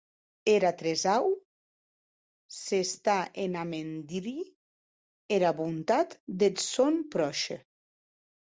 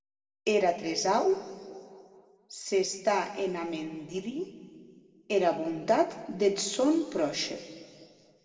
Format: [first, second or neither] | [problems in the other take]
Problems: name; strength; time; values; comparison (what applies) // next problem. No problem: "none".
first | room echo; dies away in 2 s